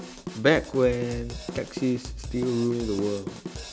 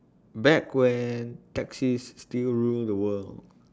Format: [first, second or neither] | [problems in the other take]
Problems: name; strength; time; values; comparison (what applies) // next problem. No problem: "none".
second | background sound (Drum kit); 10 dB below the speech